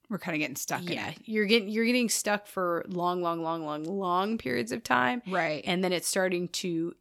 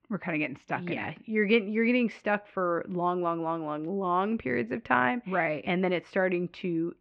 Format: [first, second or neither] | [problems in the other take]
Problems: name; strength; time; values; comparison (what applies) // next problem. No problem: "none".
first | muffled; very; fading above 2.5 kHz